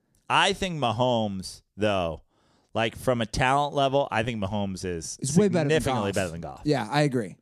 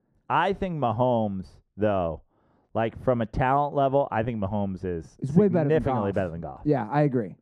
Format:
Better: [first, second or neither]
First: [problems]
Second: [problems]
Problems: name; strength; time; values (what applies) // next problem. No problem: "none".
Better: first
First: none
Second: muffled; very; fading above 3 kHz